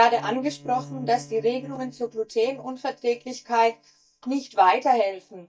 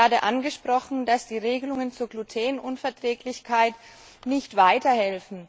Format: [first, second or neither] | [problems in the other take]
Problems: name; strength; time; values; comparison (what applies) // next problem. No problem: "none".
second | noise reduction (neural mask model DeepFilterNet 3)